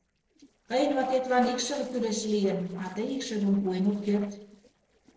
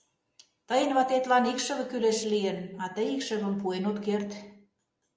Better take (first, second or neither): second